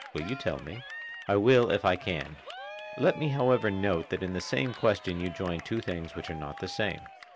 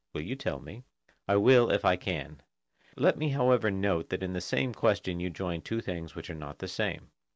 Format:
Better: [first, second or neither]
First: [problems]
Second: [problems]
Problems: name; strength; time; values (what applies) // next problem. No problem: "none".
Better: second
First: background sound (Cheering); 15 dB below the speech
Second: none